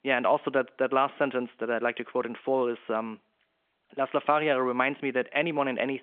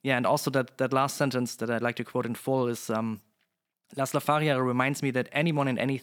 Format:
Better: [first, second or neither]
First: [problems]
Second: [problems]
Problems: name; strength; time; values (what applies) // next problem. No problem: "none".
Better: second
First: phone-call audio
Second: none